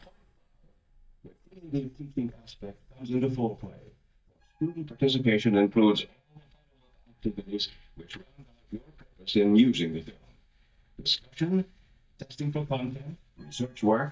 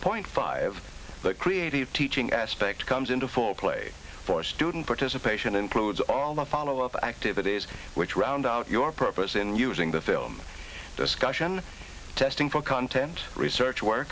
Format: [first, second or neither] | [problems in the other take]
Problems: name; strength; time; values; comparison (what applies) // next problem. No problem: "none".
second | noise reduction (neural mask model DeepFilterNet 3)